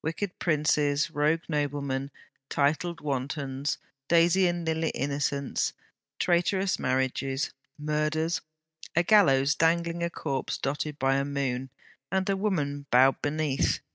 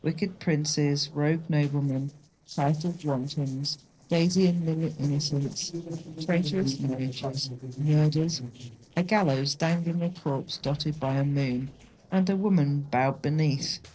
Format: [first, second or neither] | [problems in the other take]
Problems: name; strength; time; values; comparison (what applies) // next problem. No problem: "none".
first | noise reduction (neural separator model SepFormer DNS4)